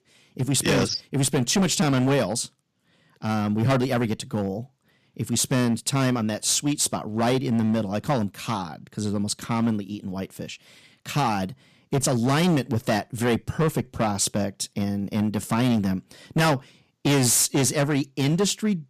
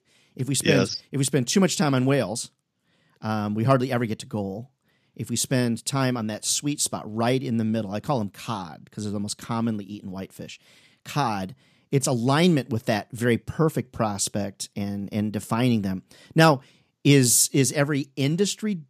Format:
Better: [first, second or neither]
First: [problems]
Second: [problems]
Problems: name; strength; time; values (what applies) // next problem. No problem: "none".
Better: second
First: distortion; heavy; 9% of the sound clipped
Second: none